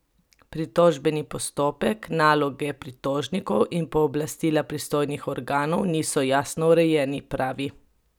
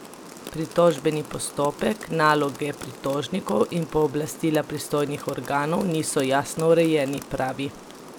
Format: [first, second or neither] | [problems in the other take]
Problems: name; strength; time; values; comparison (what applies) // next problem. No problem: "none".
first | background sound (Rain); 16 dB below the speech